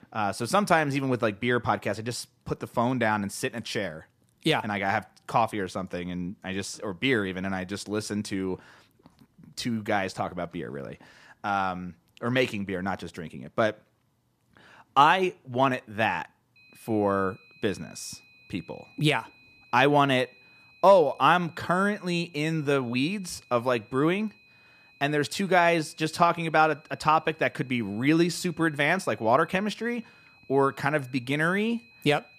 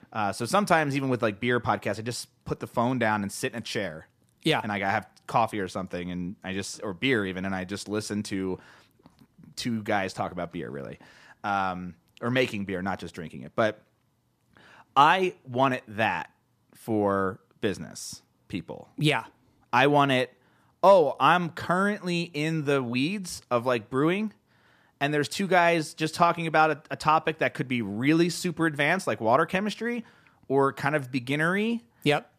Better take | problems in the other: second | high-pitched whine; faint; from 17 s on; 2.5 kHz, 30 dB below the speech

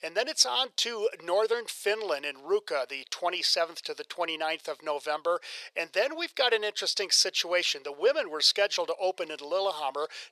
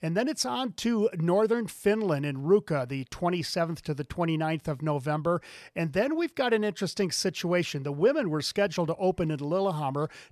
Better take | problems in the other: second | thin; very; fading below 500 Hz

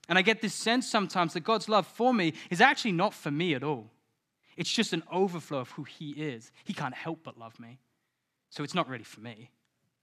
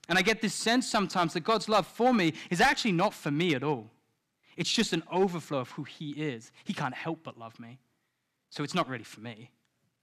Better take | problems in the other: first | distortion; slight; 1.5% of the sound clipped

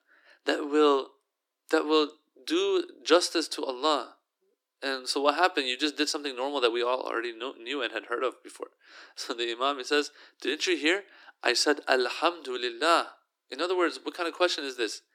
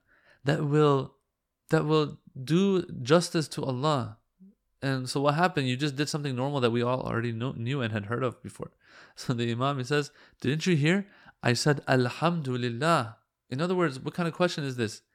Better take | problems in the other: second | thin; somewhat; fading below 300 Hz

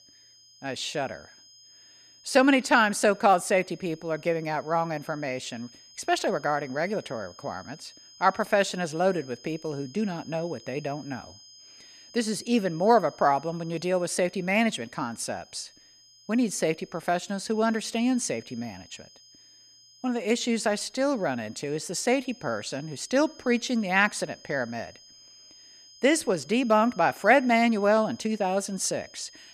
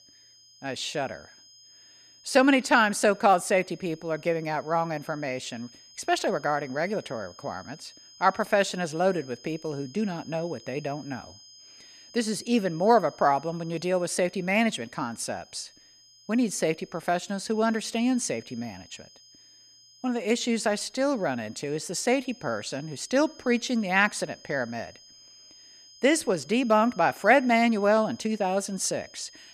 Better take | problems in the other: neither | high-pitched whine; faint; throughout; 5 kHz, 25 dB below the speech; the same in both

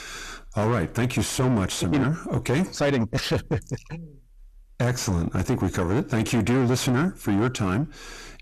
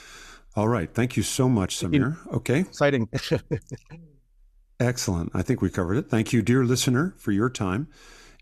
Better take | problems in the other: second | distortion; heavy; 7 dB below the speech

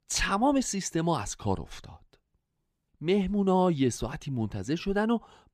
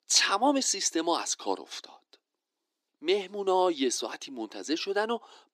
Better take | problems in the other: first | thin; somewhat; fading below 300 Hz

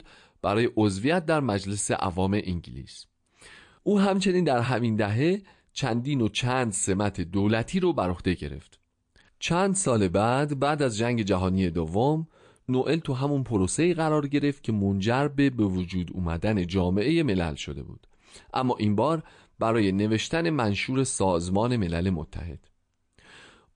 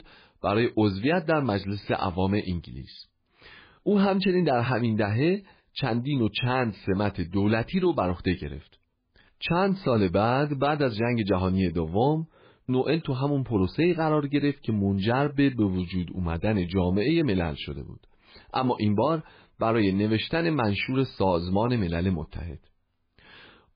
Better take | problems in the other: first | garbled, watery; badly; nothing above 4.5 kHz; slightly in the first

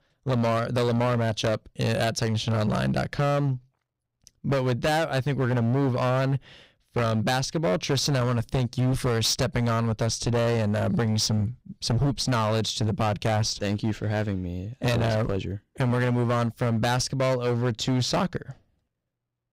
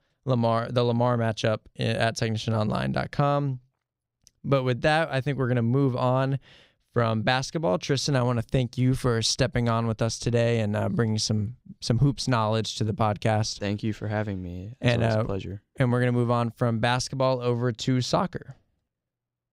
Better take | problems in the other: second | distortion; heavy; 16% of the sound clipped

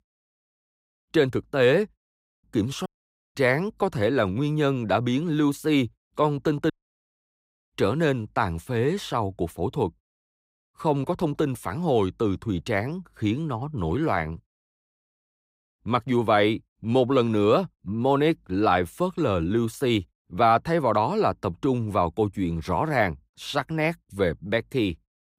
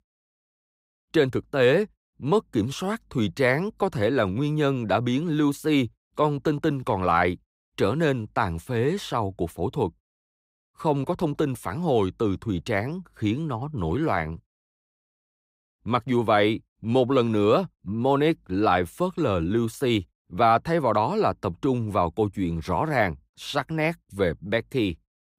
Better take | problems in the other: second | audio cutting out; at 2 s, at 3 s and at 6.5 s for 1 s

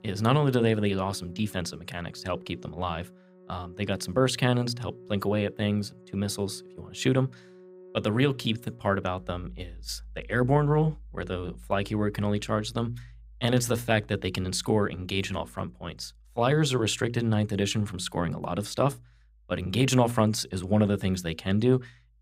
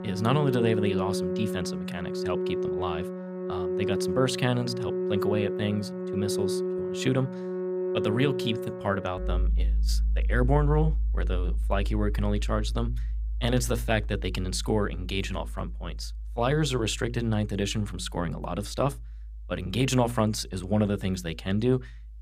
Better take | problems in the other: first | background music; loud; throughout; 2 dB below the speech; faint in the first

